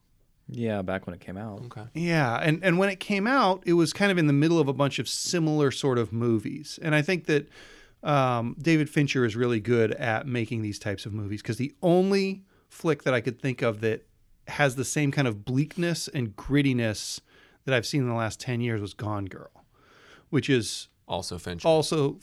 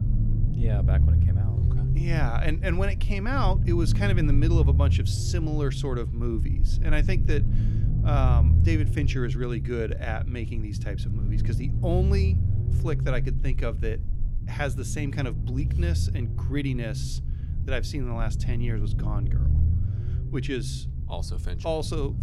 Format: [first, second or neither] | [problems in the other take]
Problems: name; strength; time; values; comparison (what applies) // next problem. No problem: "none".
first | low rumble; loud; throughout; 7 dB below the speech